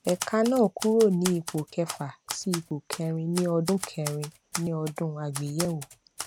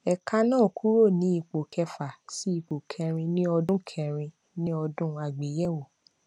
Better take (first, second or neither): second